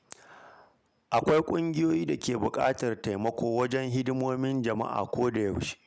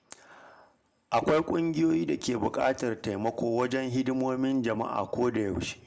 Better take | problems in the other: first | room echo; dies away in 0.7 s

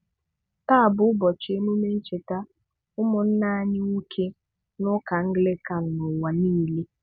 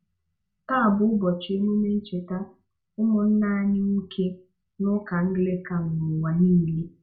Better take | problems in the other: first | room echo; dies away in 0.2 s

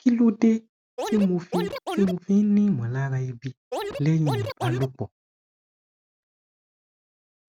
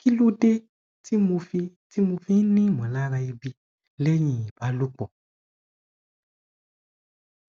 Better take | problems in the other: second | background sound (Scratching (performance technique)); 6 dB below the speech

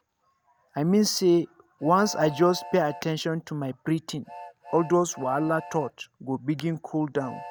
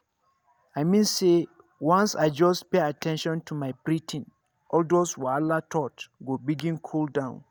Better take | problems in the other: second | background sound (Train); 18 dB below the speech

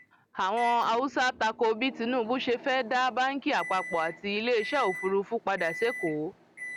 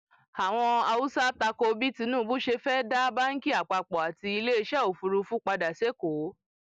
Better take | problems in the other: second | background sound (Microwave oven); 13 dB below the speech

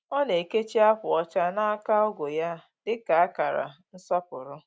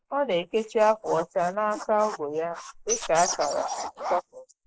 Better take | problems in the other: first | noise reduction (neural mask model Resemble Enhance denoiser)

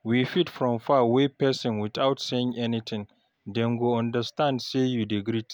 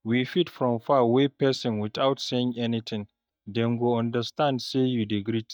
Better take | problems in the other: first | noise reduction (neural mask model DeepFilterNet 3)

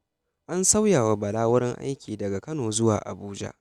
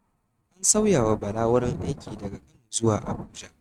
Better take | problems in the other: first | noise reduction (neural mask model RNNoise)

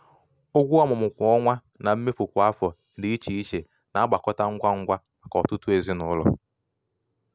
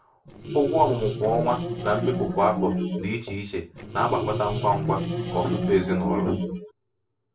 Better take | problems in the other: first | noise reduction (neural separator model SepFormer DNS4)

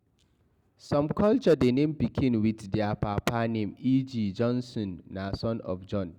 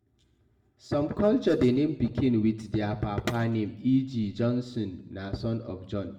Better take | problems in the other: first | room echo; dies away in 0.6 s

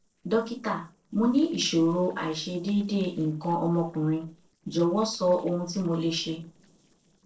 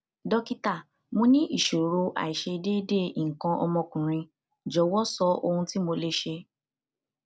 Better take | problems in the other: second | noise reduction (neural separator model SepFormer DNS4)

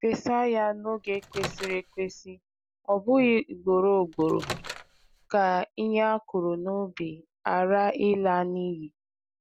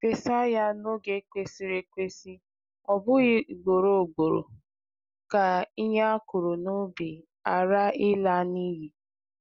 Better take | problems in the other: second | background sound (Microwave oven); 13 dB below the speech

